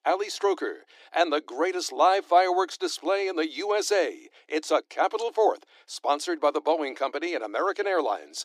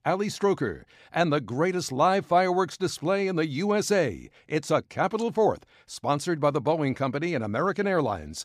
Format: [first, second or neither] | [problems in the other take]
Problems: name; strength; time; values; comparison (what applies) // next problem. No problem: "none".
second | thin; very; fading below 300 Hz